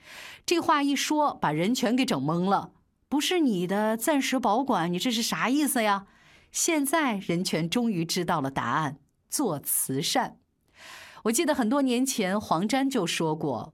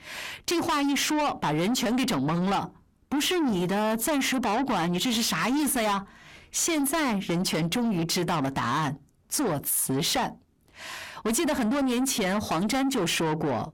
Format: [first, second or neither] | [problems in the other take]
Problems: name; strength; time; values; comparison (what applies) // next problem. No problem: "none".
first | distortion; heavy; 8 dB below the speech